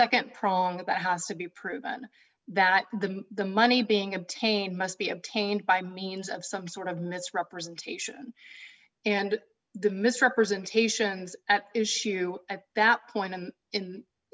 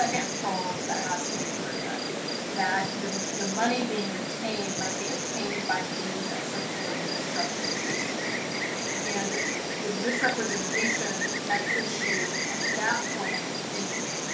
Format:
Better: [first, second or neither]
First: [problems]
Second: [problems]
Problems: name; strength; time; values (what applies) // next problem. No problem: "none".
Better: first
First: none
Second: background sound (Insect); 3 dB above the speech // room echo; dies away in 0.3 s